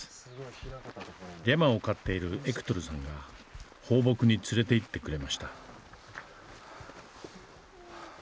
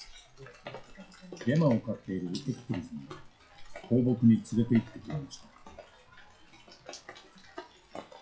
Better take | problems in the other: first | noise reduction (classical method WPE with log-MMSE)

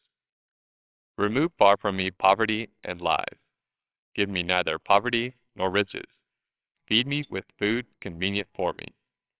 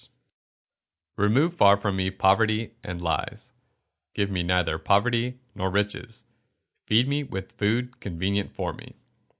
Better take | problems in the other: second | noise reduction (neural separator model SepFormer WHAMR!)

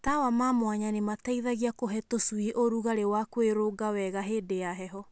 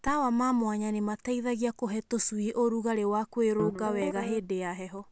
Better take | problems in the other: first | background sound (Guitar); 7 dB below the speech

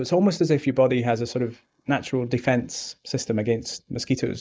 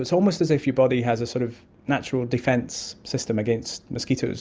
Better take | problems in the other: second | noise reduction (neural mask model Resemble Enhance denoiser)

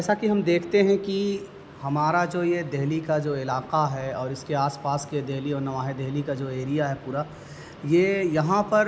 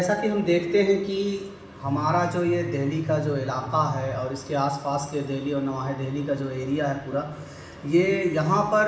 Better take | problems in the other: first | background sound (Bass guitar); 10 dB below the speech // room echo; dies away in 0.8 s

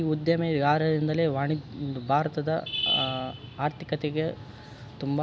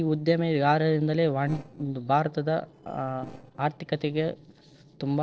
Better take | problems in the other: first | noise reduction (neural separator model SepFormer DNS4)

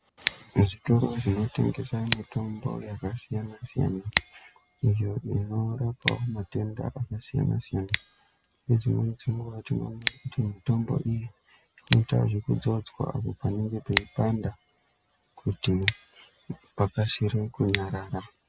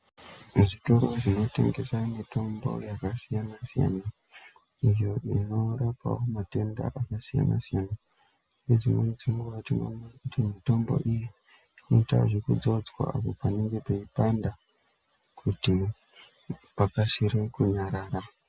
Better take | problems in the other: second | background sound (Scissors); 10 dB below the speech

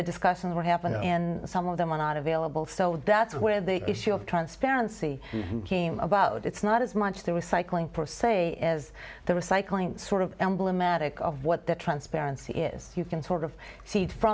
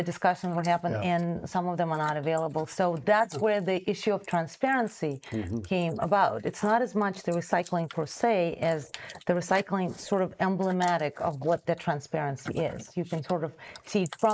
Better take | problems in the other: first | noise reduction (neural mask model Resemble Enhance denoiser)

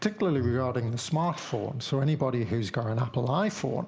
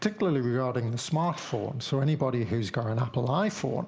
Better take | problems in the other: second | background sound (Bowed string instrument); 15 dB below the speech

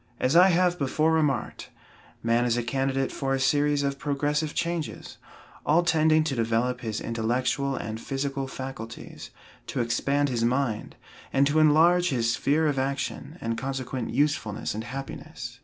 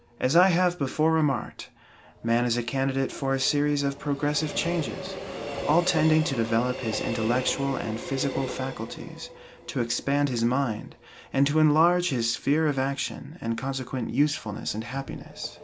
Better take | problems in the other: first | background sound (Train); 12 dB below the speech

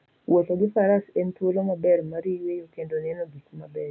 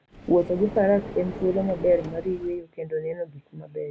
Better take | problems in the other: first | background sound (Car); 12 dB below the speech

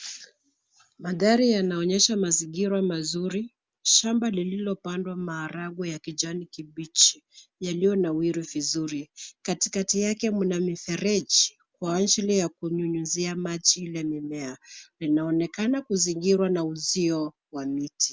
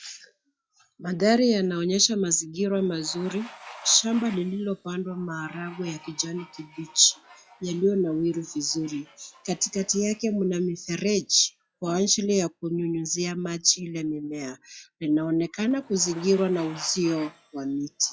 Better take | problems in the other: first | noise reduction (classical method log-MMSE)

